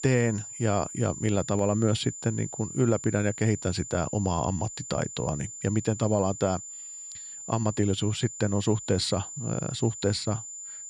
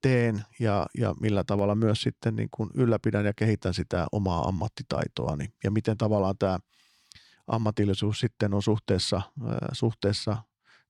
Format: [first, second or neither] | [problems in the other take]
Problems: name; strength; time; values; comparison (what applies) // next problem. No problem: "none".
second | high-pitched whine; loud; throughout; 7 kHz, 10 dB below the speech